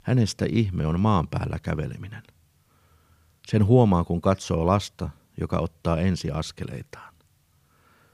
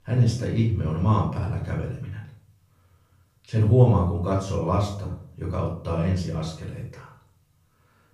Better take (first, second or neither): first